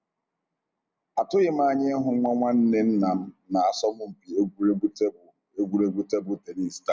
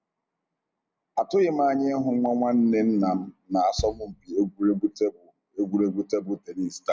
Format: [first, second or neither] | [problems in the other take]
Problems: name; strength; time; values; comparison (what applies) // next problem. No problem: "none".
first | background sound (Bass drum); 11 dB below the speech